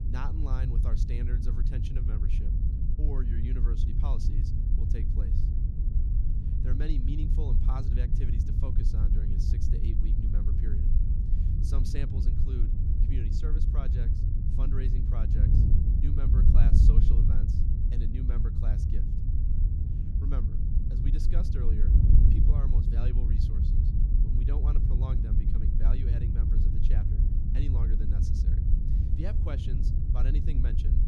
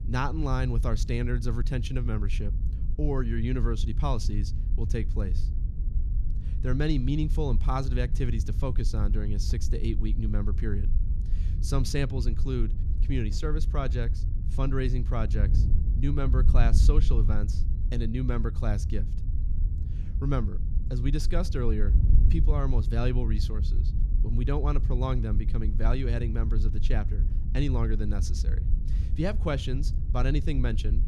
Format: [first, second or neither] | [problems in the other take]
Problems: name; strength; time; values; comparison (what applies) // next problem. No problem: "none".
second | wind noise on the microphone; heavy; 2 dB above the speech; occasional gusts in the second